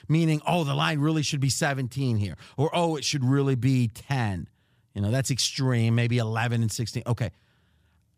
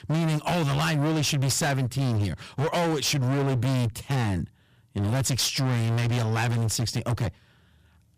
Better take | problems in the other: first | distortion; heavy; 35% of the sound clipped

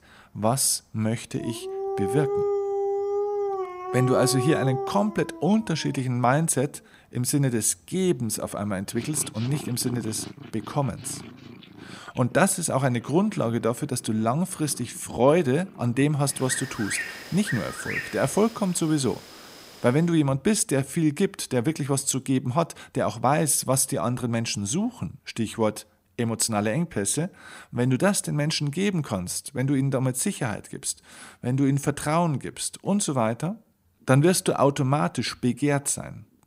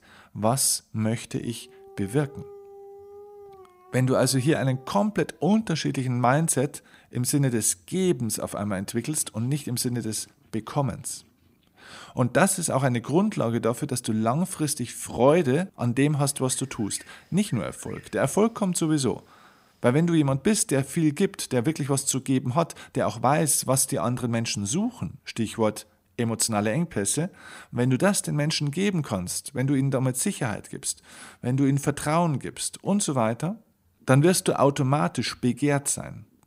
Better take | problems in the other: second | animal sounds; loud; until 20 s; 6 dB below the speech; faint in the second

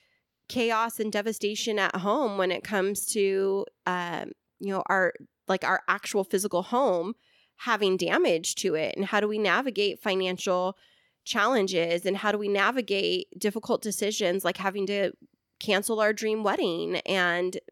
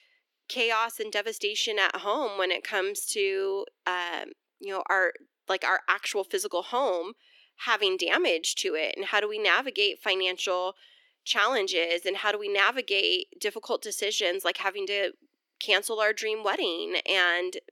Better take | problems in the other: first | thin; somewhat; fading below 300 Hz

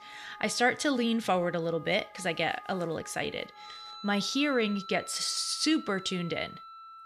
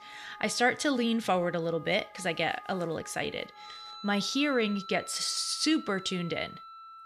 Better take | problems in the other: neither | background music; noticeable; throughout; 15 dB below the speech; the same in both

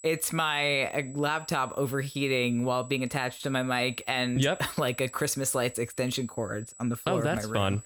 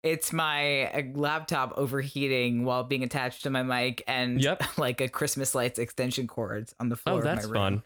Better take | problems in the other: second | high-pitched whine; noticeable; throughout; 8 kHz, 20 dB below the speech

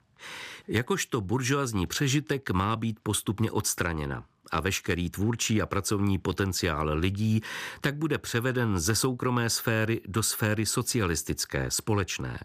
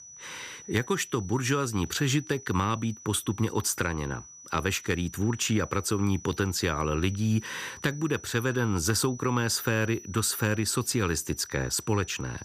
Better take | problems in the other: first | high-pitched whine; noticeable; throughout; 6 kHz, 15 dB below the speech

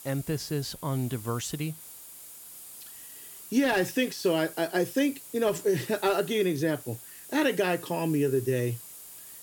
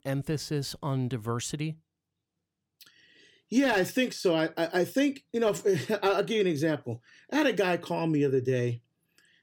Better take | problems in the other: second | hiss; noticeable; throughout; 15 dB below the speech

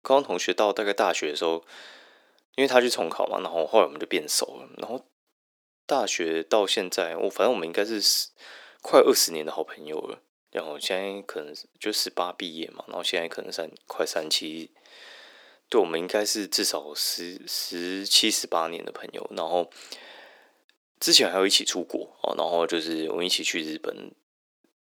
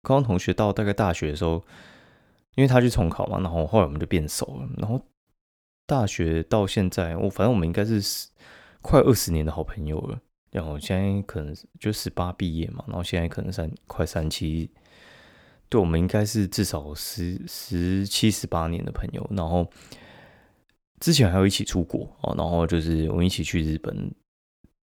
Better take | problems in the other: second | thin; very; fading below 350 Hz

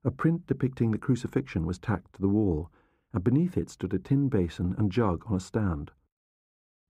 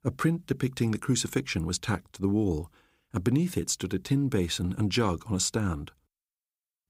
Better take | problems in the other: second | muffled; very; fading above 2.5 kHz

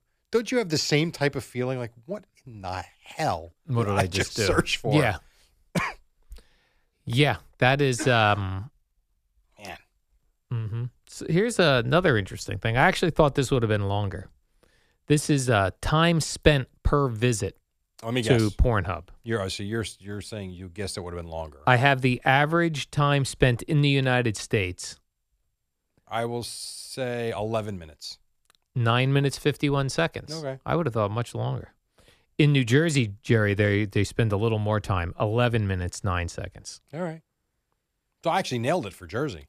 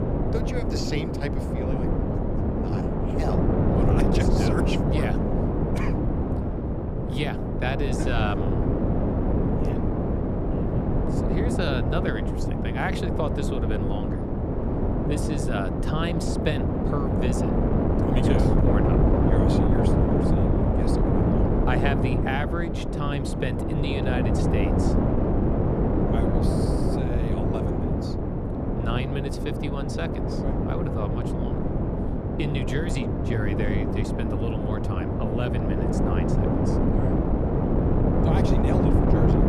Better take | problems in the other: first | wind noise on the microphone; heavy; 4 dB above the speech

